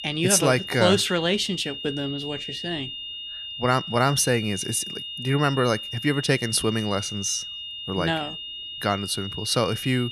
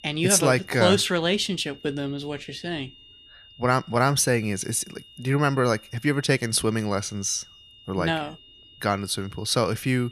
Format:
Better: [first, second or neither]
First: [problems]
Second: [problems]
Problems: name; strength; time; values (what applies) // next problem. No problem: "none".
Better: second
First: high-pitched whine; loud; throughout; 3 kHz, 8 dB below the speech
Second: high-pitched whine; faint; throughout; 3 kHz, 25 dB below the speech